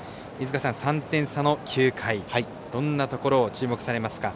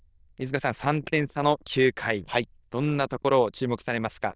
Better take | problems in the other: first | noise reduction (neural diffusion model UNIVERSE++)

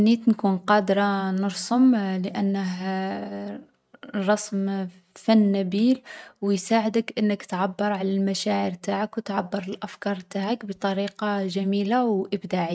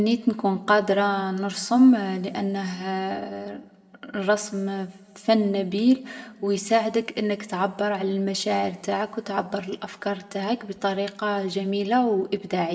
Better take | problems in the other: first | room echo; dies away in 0.9 s

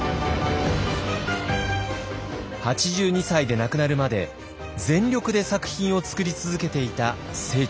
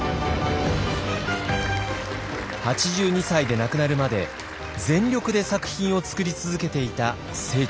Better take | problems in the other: first | background sound (Applause / Crowd); 14 dB below the speech

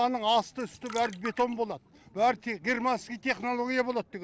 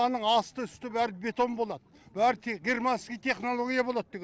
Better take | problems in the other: second | background sound (Trickle, dribble); 16 dB below the speech

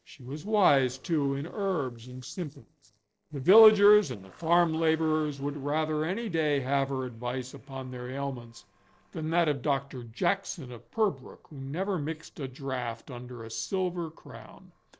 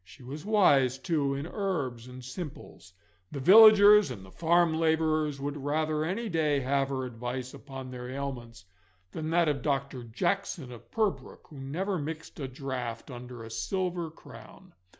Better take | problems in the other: second | noise reduction (neural separator model SepFormer DNS4)

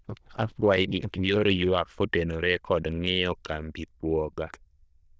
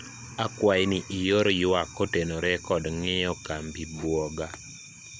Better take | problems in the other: second | noise reduction (neural diffusion model UNIVERSE++)

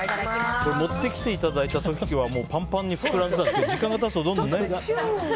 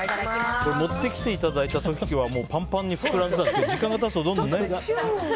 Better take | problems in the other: second | background sound (Bowed string instrument); 19 dB below the speech

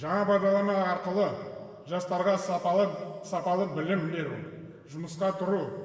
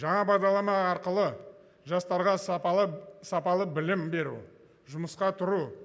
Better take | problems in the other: second | room echo; dies away in 1.9 s

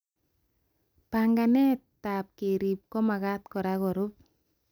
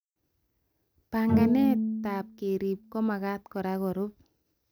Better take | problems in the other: first | background sound (Bowed string instrument); 1 dB below the speech

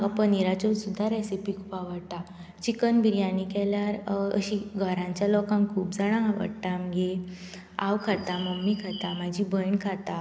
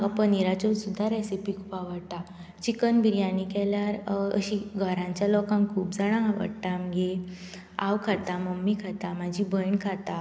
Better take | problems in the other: second | background sound (Bird); 15 dB below the speech

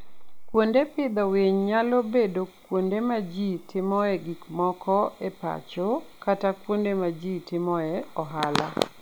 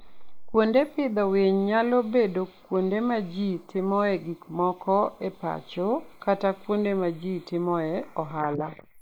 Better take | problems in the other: first | noise reduction (neural mask model Resemble Enhance denoiser)

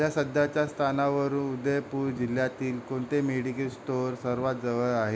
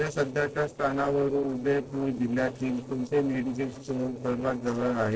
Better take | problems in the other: first | noise reduction (neural separator model SepFormer DNS4)

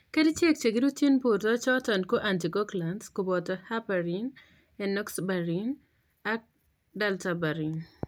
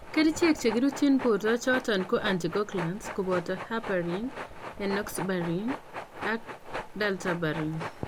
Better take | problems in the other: first | background sound (Train); 10 dB below the speech

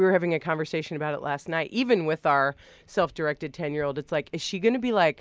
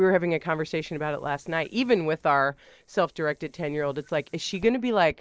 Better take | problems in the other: first | noise reduction (neural separator model SepFormer DNS4)

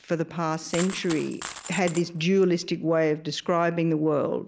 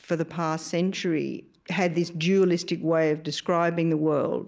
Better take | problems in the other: second | background sound (Coin (dropping)); 14 dB below the speech

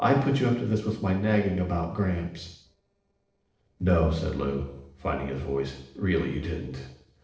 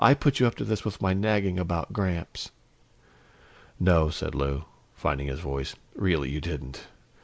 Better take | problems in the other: second | noise reduction (neural separator model SepFormer DNS4)

